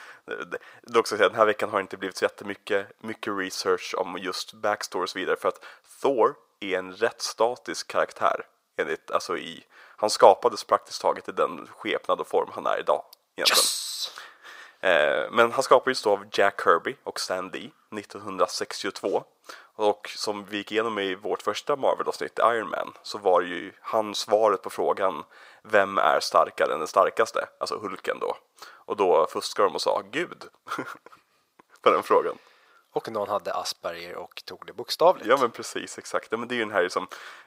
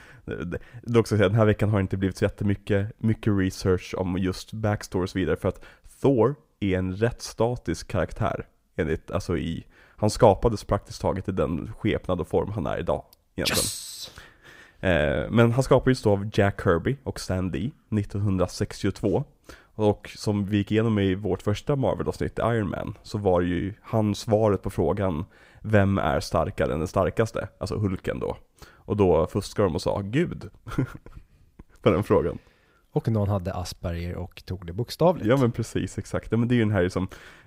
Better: second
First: thin; very; fading below 600 Hz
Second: none

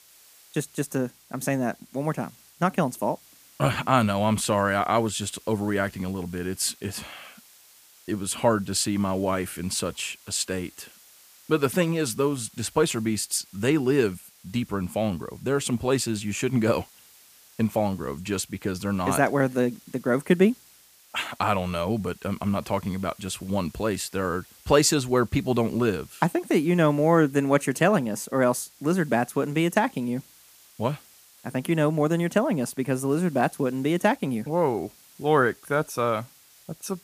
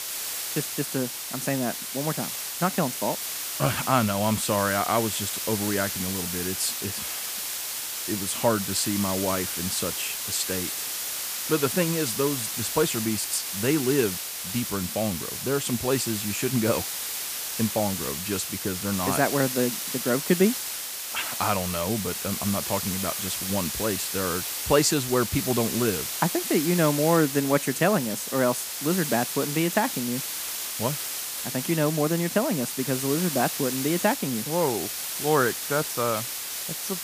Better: first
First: hiss; faint; throughout; 25 dB below the speech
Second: hiss; loud; throughout; 2 dB below the speech

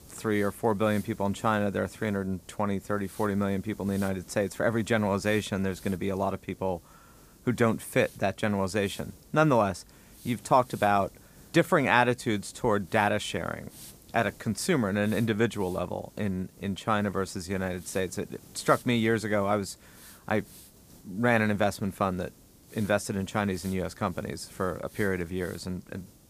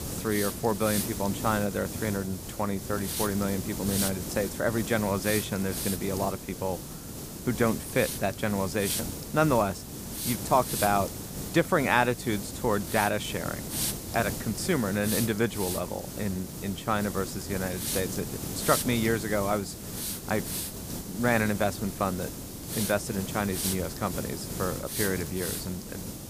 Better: first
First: hiss; faint; throughout; 20 dB below the speech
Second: hiss; loud; throughout; 4 dB below the speech

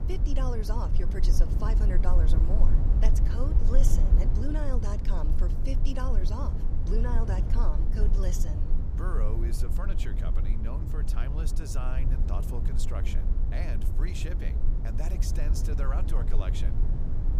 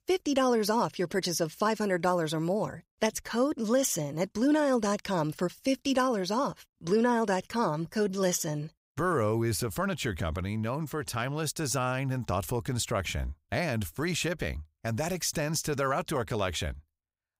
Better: second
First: low rumble; loud; throughout; 4 dB below the speech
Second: none

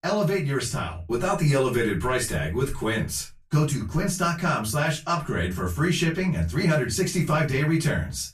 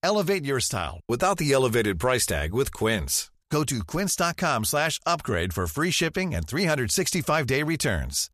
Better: second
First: off-mic speech; far // room echo; very slight; dies away in 0.2 s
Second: none

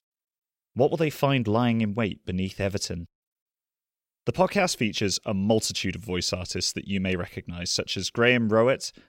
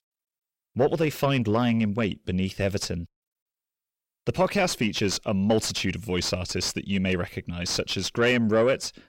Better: first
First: none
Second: distortion; slight; 10 dB below the speech

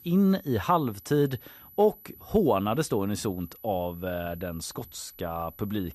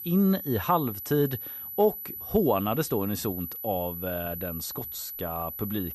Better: first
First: high-pitched whine; faint; throughout; 12 kHz, 20 dB below the speech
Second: high-pitched whine; loud; throughout; 12 kHz, 7 dB below the speech

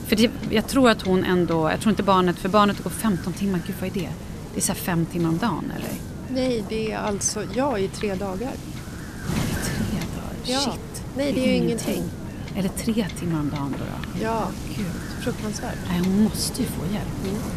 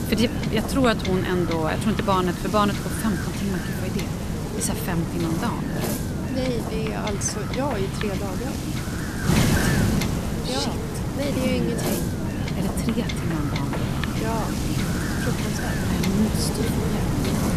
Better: first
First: wind noise on the microphone; occasional gusts; 10 dB below the speech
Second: wind noise on the microphone; heavy; 1 dB below the speech

